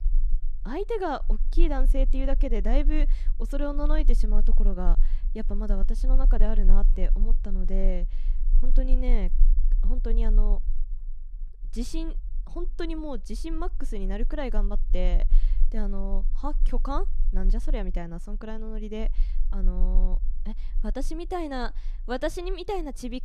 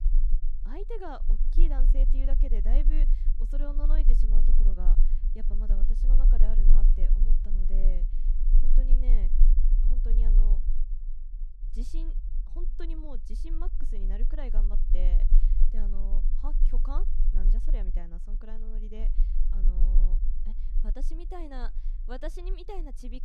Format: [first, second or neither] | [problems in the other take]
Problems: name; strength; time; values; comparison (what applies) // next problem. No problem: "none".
first | low rumble; loud; throughout; 9 dB below the speech; faint in the first